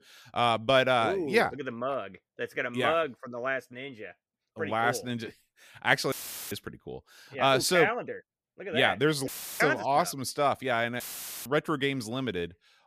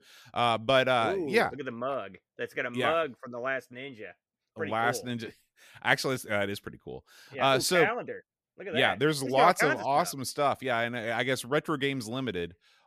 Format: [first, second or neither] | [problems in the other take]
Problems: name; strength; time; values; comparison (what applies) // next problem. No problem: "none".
second | audio cutting out; filled with static; at 6 s, at 9.5 s and at 11 s